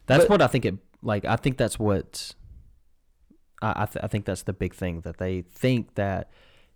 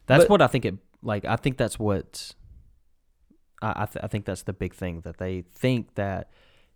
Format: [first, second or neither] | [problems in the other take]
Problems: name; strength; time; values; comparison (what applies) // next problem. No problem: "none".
second | distortion; slight; 10 dB below the speech